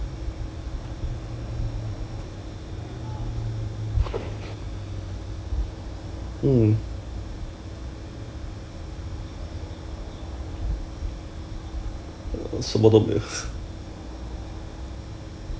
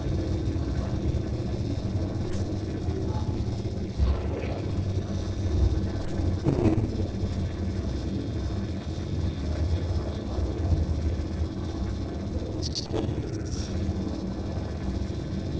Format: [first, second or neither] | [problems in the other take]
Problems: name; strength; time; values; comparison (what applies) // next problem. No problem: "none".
first | noise reduction (neural separator model SepFormer DNS4)